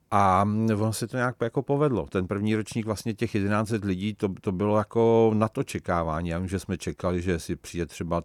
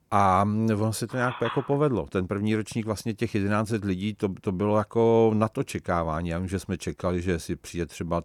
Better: first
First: none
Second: phone ringing; noticeable; at 1 s; peak 8 dB below the speech

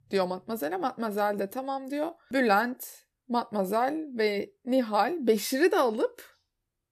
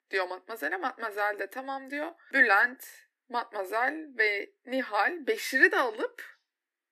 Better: first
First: none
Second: thin; somewhat; fading below 250 Hz

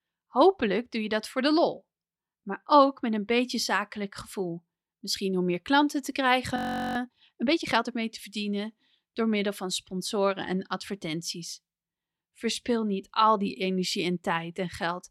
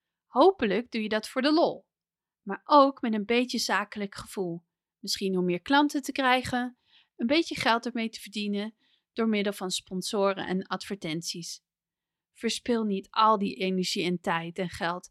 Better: second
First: audio freezing; at 6.5 s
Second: none

